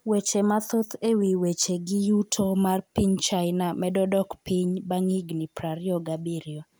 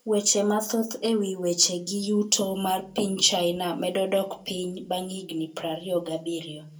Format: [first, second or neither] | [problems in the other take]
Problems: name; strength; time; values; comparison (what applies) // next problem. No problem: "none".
first | room echo; dies away in 0.2 s